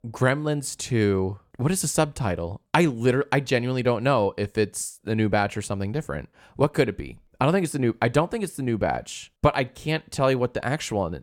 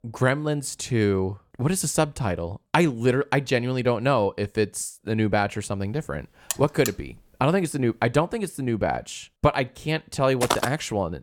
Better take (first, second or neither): first